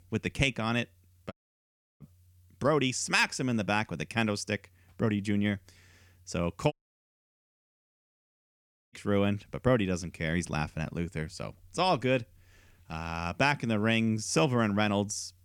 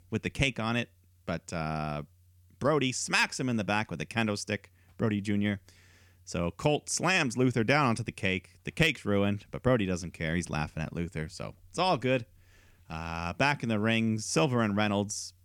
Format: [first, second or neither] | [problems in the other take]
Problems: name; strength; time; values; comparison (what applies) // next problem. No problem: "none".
second | audio cutting out; at 1.5 s for 0.5 s and at 6.5 s for 2 s